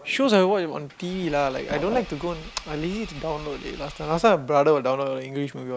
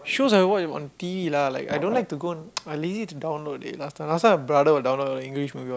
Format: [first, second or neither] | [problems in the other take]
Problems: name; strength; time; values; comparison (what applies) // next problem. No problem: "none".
second | background sound (Engine / Car); 17 dB below the speech